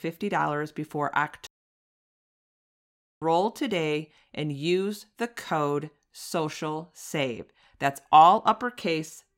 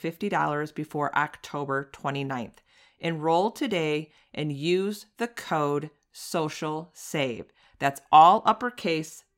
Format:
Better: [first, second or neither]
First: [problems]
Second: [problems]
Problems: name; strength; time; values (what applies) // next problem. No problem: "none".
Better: second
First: audio cutting out; at 1.5 s for 2 s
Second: none